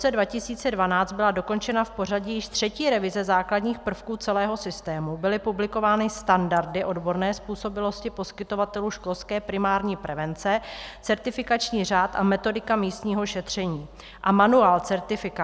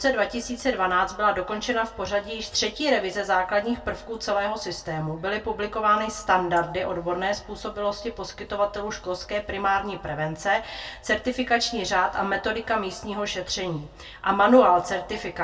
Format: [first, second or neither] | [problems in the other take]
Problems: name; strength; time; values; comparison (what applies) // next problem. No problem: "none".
first | room echo; dies away in 0.2 s